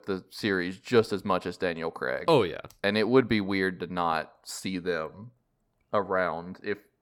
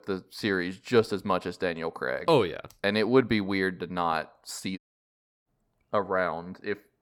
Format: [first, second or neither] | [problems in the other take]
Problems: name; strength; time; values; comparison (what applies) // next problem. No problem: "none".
first | audio cutting out; at 5 s for 0.5 s